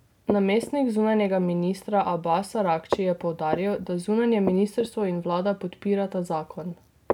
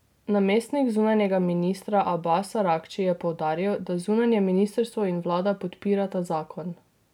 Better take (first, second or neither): second